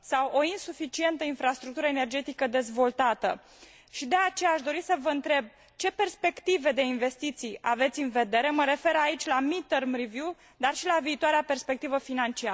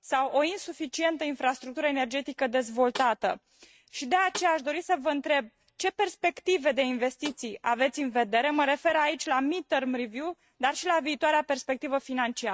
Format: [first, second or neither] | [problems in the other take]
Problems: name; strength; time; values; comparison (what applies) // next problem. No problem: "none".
first | noise reduction (neural mask model RNNoise)